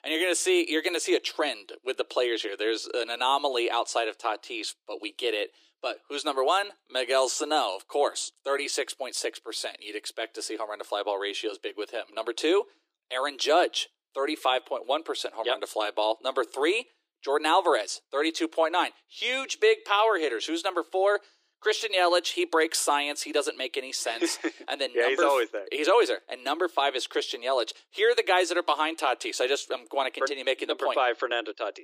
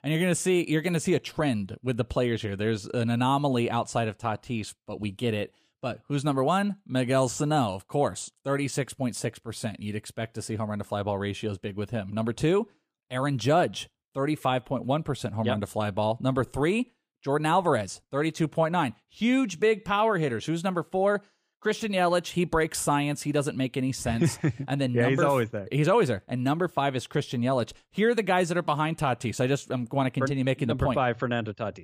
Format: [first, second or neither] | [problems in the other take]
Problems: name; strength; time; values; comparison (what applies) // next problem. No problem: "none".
second | thin; very; fading below 300 Hz